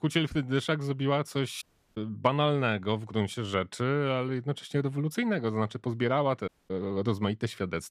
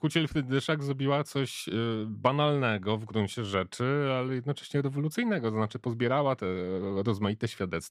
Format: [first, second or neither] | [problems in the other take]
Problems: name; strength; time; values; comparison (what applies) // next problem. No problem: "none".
second | audio cutting out; at 1.5 s and at 6.5 s